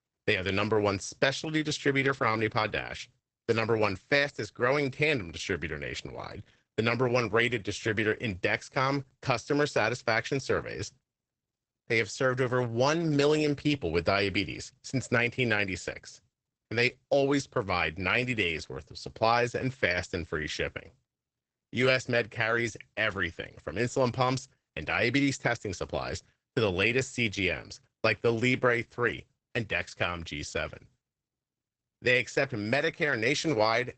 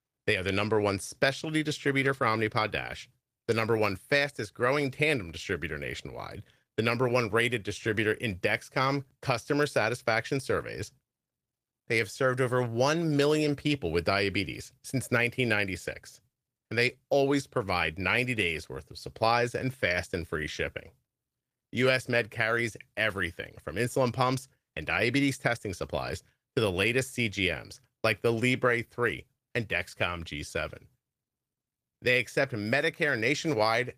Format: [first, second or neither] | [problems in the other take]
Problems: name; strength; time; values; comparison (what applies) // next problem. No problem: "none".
second | garbled, watery; badly; nothing above 8 kHz; slightly in the second